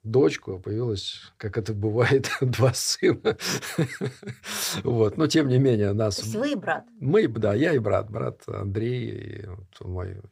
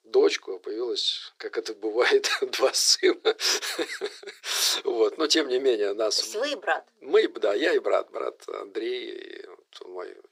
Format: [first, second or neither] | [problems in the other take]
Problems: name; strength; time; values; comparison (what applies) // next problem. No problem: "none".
first | thin; very; fading below 350 Hz